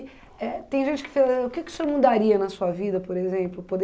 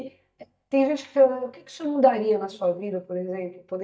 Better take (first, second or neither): first